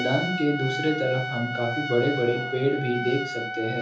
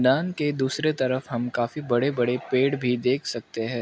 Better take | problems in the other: second | background sound (Trumpet); 6 dB below the speech // room echo; dies away in 1.2 s

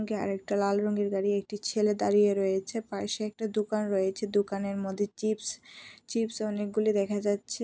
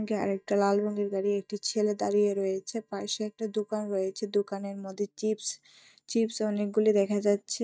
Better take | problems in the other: first | noise reduction (neural mask model DeepFilterNet 3)

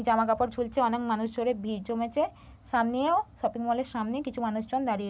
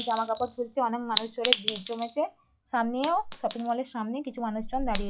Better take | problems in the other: first | noise reduction (classical method log-MMSE)

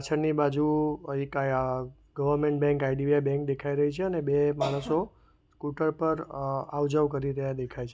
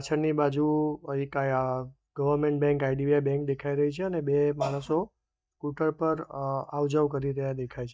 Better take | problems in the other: first | noise reduction (neural mask model DeepFilterNet 3)

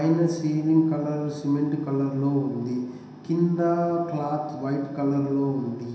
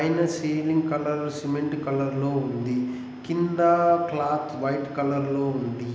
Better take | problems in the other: second | room echo; dies away in 0.7 s

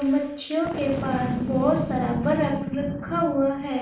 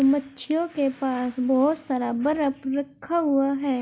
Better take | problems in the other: second | background sound (Boom); 6 dB below the speech // room echo; dies away in 0.5 s

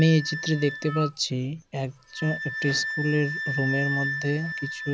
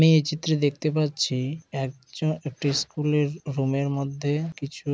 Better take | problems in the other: second | background sound (Wind instrument, woodwind instrument); 6 dB below the speech

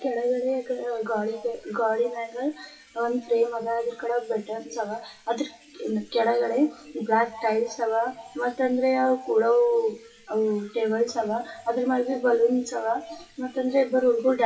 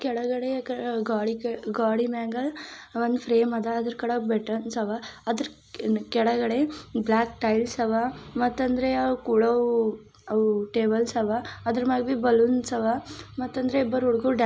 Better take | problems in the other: second | noise reduction (classical method WPE with log-MMSE)

